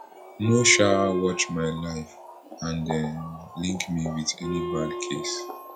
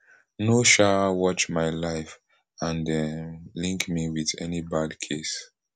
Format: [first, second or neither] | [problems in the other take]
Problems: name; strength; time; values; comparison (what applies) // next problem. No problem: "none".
second | noise reduction (classical method log-MMSE)